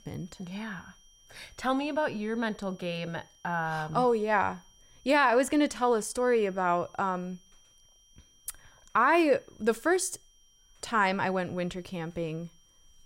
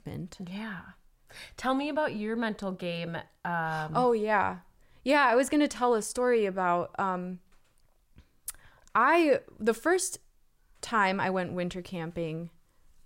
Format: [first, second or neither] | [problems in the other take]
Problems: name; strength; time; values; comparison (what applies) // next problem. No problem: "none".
second | high-pitched whine; faint; throughout; 3 kHz, 30 dB below the speech